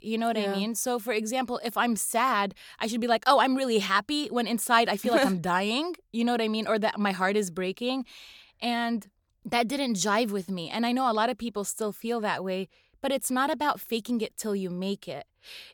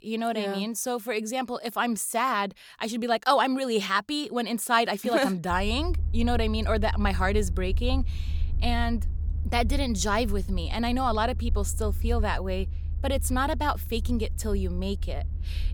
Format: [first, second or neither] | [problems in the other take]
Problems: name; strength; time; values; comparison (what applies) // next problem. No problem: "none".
first | low rumble; faint; from 5.5 s on; 25 dB below the speech